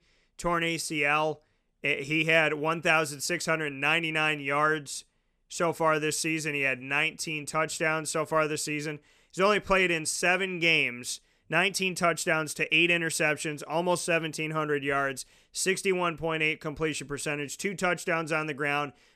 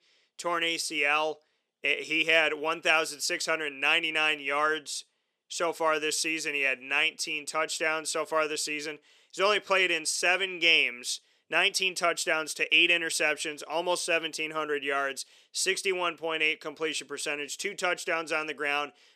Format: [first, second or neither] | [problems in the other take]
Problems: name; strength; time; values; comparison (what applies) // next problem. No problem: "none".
first | thin; somewhat; fading below 400 Hz